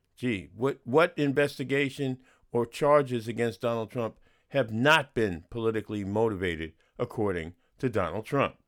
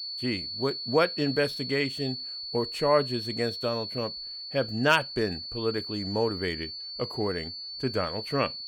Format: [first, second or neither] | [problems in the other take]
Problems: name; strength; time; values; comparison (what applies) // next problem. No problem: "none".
first | high-pitched whine; loud; throughout; 4.5 kHz, 5 dB below the speech